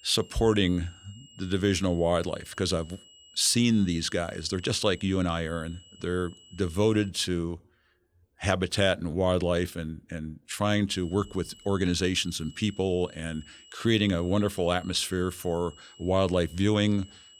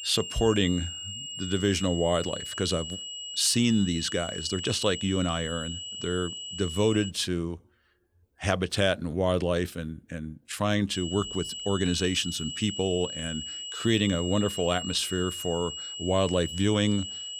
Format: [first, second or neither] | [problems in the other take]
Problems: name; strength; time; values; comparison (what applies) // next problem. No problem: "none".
first | high-pitched whine; loud; until 7 s and from 11 s on; 3 kHz, 7 dB below the speech; faint in the first